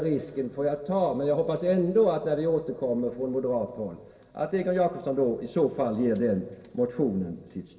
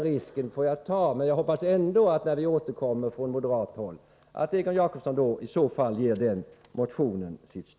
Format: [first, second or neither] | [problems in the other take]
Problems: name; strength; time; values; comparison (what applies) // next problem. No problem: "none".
second | room echo; dies away in 2.2 s